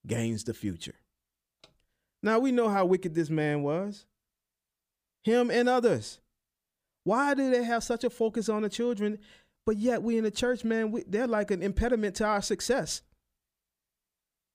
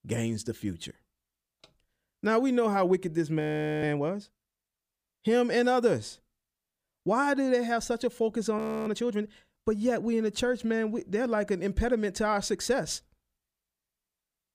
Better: first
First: none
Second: audio freezing; at 3.5 s and at 8.5 s

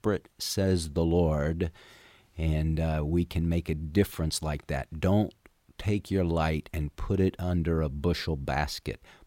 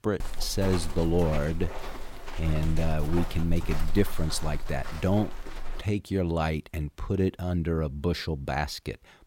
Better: first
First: none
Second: footsteps; noticeable; until 6 s; peak 7 dB below the speech

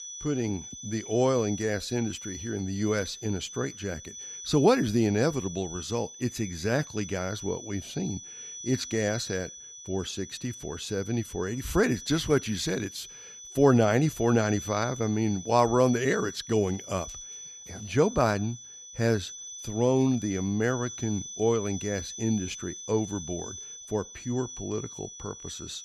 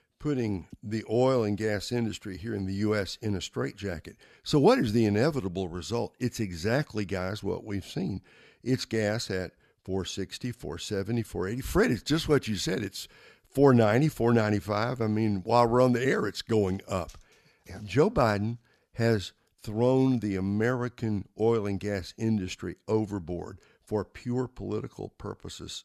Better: second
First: high-pitched whine; noticeable; throughout; 6 kHz, 10 dB below the speech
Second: none

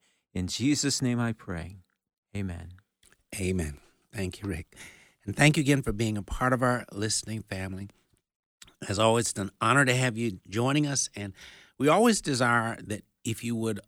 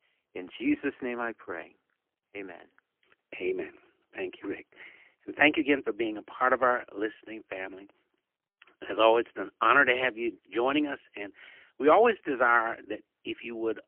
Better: first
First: none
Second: phone-call audio; poor line; nothing above 3 kHz

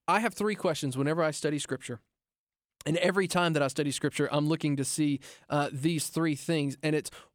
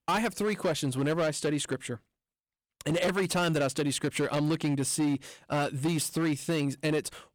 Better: first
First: none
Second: distortion; slight; 11% of the sound clipped

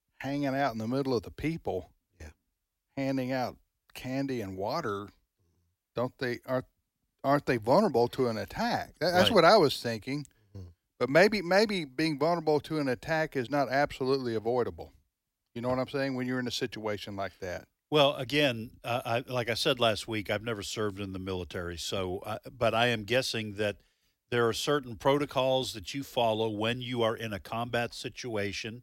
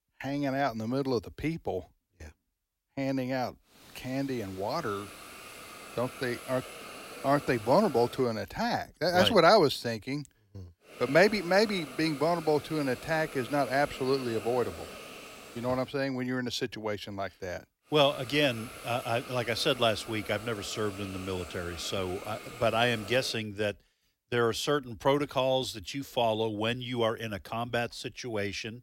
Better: first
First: none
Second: hiss; noticeable; from 4 to 8 s, from 11 to 16 s and from 18 to 23 s; 15 dB below the speech

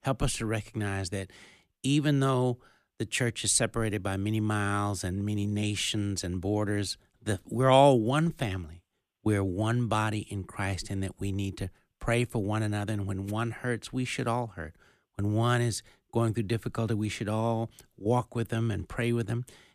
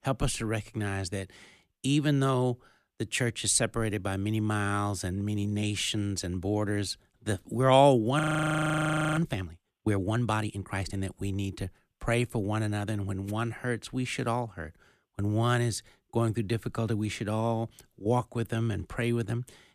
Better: first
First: none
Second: audio freezing; at 8 s for 1 s

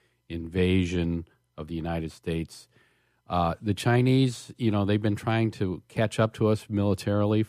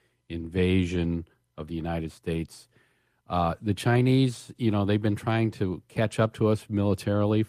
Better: first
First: none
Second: garbled, watery; slightly; nothing above 14.5 kHz

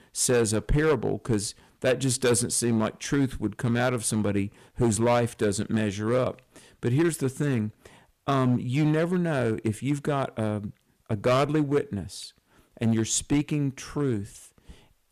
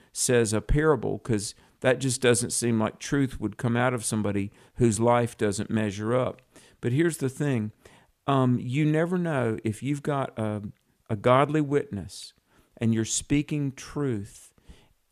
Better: second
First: distortion; slight; 5% of the sound clipped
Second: none

